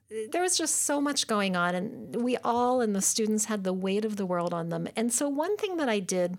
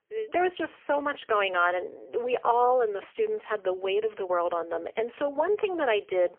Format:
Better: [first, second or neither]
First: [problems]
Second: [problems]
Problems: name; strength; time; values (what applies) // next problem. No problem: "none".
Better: first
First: none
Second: phone-call audio; poor line; nothing above 3 kHz